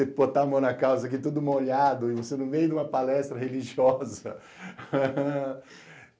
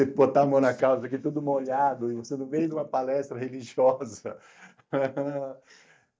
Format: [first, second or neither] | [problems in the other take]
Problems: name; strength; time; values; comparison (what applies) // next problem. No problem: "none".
first | noise reduction (neural mask model DeepFilterNet 3)